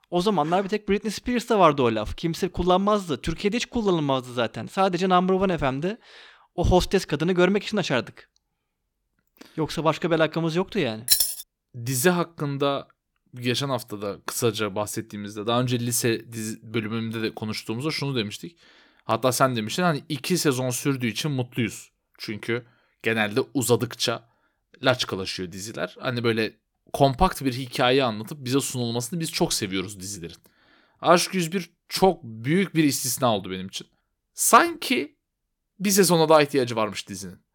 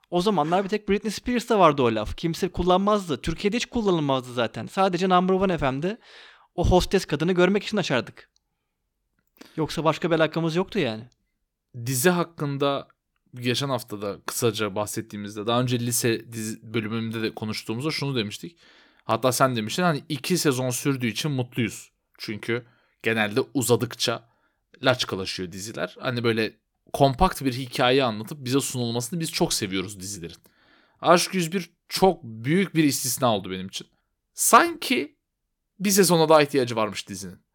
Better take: second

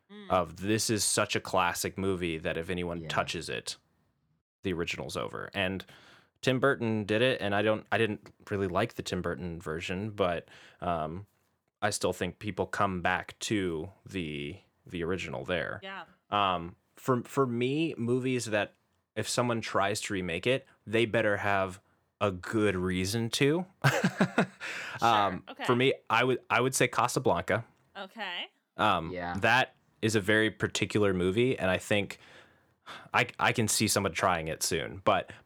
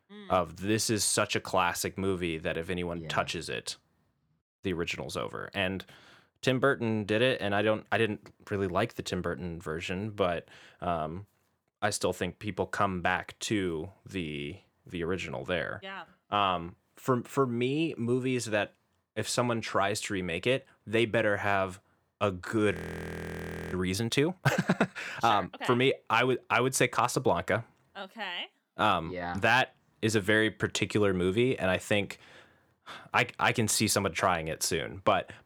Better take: first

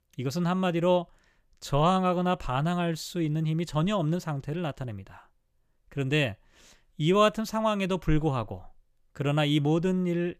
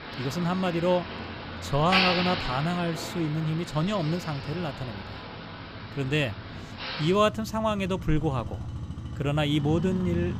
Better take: first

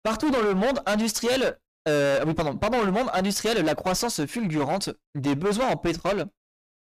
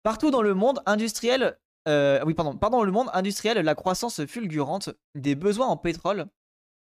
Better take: second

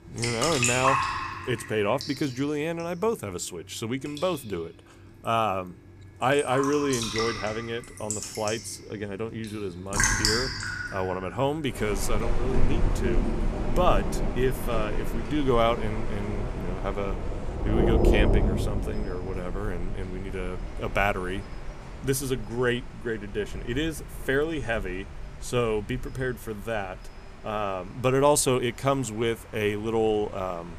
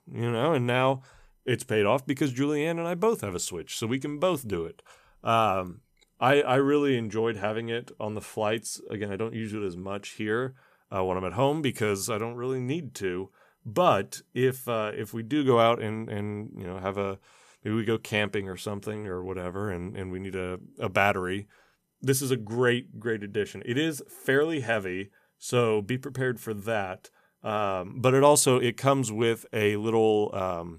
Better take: second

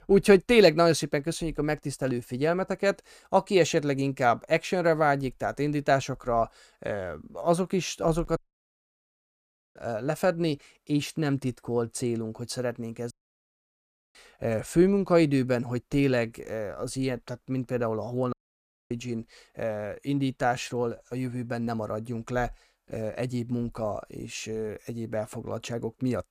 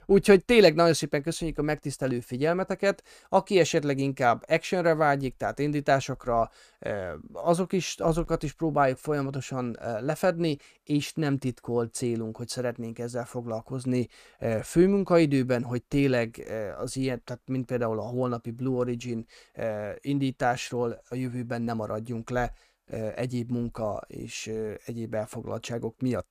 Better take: second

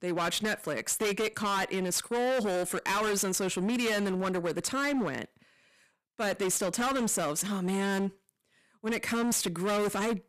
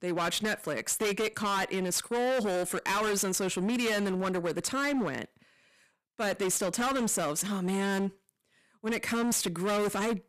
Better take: neither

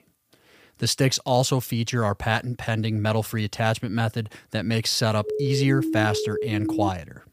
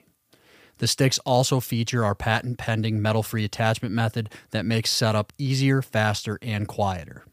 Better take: second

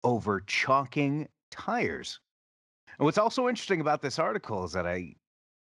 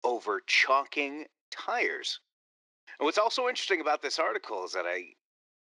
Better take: first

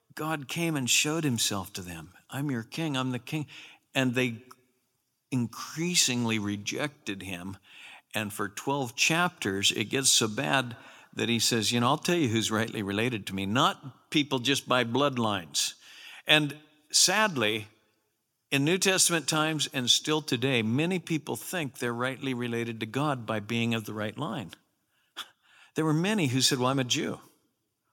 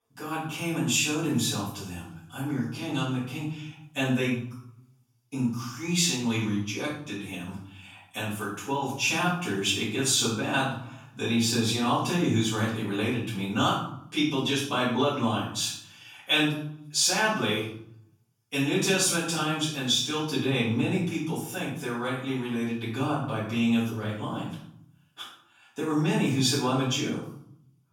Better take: first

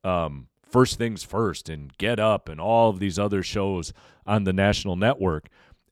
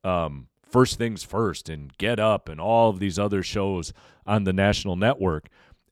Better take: neither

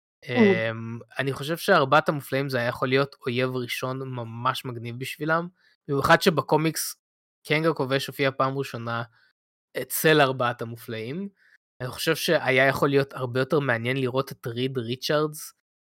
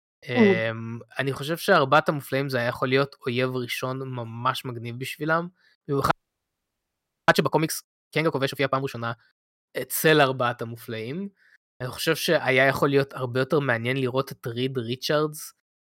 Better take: first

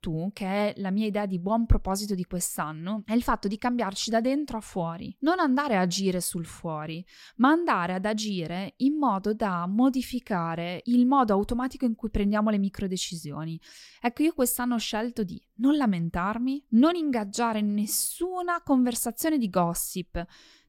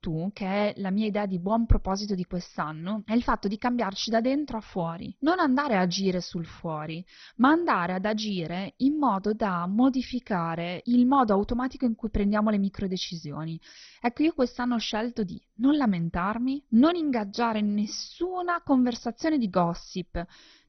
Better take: first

